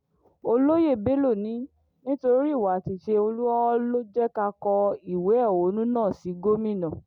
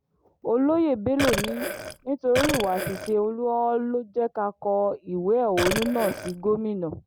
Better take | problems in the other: first | background sound (Burping, eructation); 5 dB below the speech

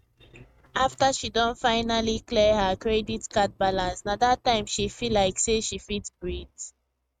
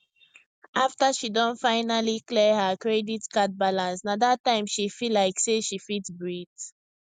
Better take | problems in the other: second | noise reduction (neural mask model RNNoise)

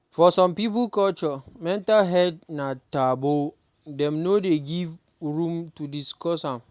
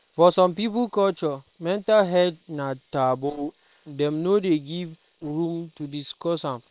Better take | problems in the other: first | noise reduction (neural separator model SepFormer WHAM!)

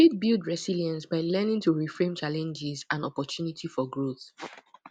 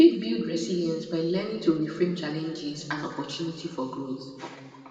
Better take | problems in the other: first | room echo; dies away in 1.9 s

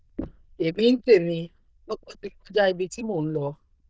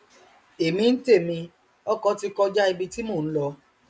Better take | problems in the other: second | noise reduction (neural diffusion model UNIVERSE++)

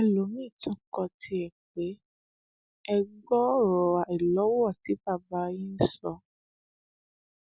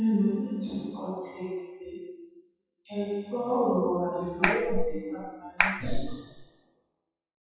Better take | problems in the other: first | noise reduction (classical method WPE with log-MMSE)

